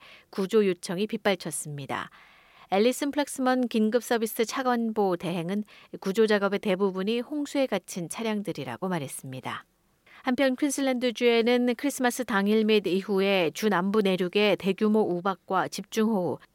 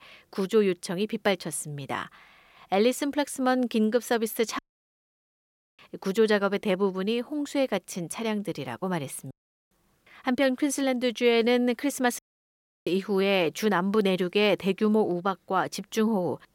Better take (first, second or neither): first